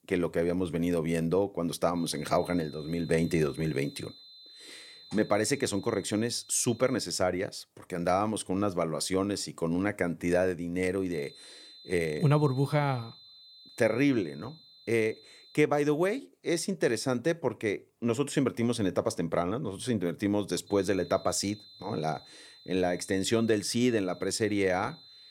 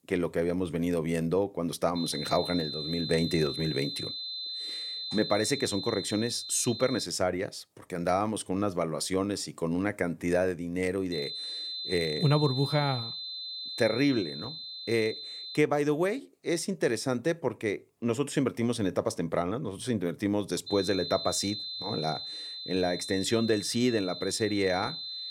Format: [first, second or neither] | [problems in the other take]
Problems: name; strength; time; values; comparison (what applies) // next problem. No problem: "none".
first | high-pitched whine; loud; from 2 to 7 s, from 11 to 16 s and from 21 s on; 4 kHz, 6 dB below the speech; faint in the first